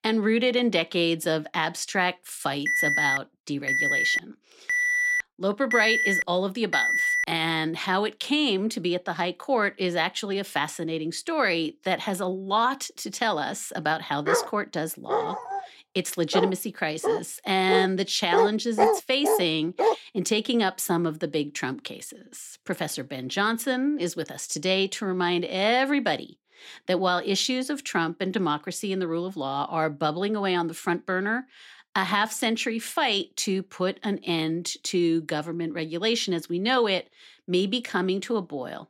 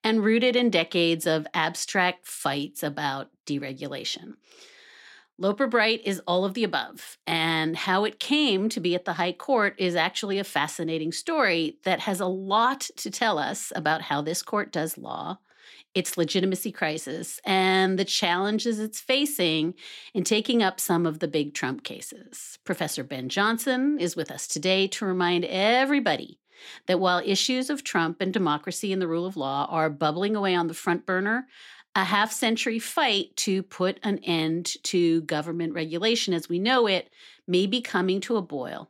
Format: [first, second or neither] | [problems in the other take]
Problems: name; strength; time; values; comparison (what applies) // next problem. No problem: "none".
second | alarm; loud; from 2.5 to 7 s; peak 5 dB above the speech // dog barking; loud; from 14 to 20 s; peak 4 dB above the speech